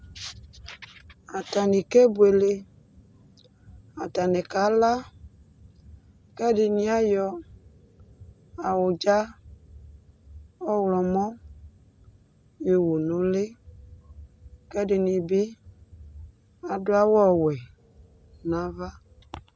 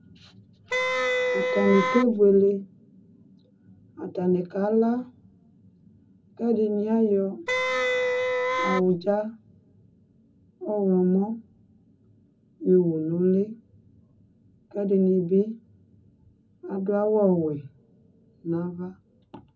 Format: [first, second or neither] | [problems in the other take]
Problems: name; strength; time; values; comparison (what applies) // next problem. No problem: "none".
first | background sound (Wind instrument, woodwind instrument); 1 dB above the speech // room echo; dies away in 0.4 s